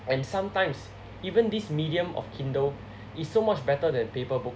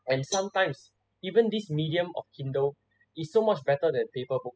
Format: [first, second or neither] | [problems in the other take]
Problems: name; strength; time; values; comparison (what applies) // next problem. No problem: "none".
first | noise reduction (classical method spectral subtraction)